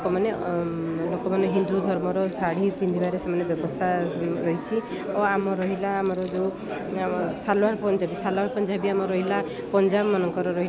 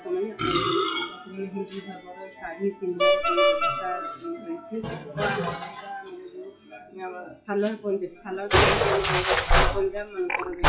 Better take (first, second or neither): first